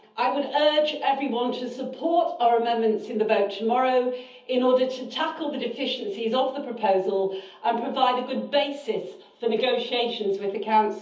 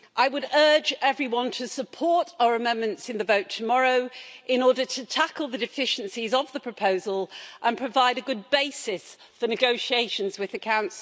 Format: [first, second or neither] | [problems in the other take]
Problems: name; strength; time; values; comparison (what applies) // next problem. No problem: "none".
second | room echo; dies away in 0.7 s